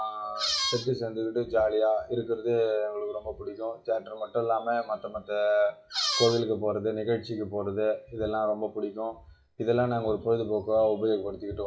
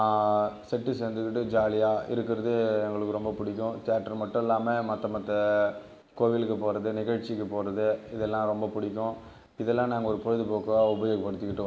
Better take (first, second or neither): second